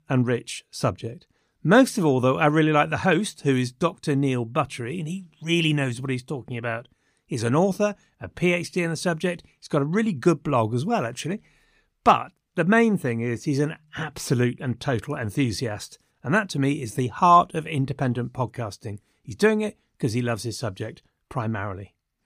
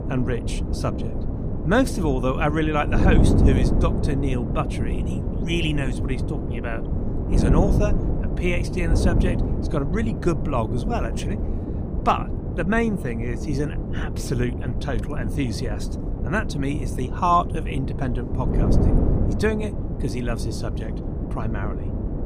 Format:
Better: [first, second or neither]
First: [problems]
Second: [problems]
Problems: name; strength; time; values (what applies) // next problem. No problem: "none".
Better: first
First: none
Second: wind noise on the microphone; heavy; 6 dB below the speech